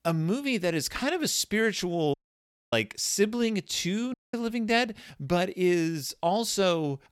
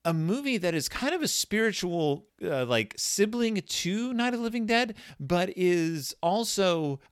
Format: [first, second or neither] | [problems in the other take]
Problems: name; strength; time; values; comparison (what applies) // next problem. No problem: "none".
second | audio cutting out; at 2 s for 0.5 s and at 4 s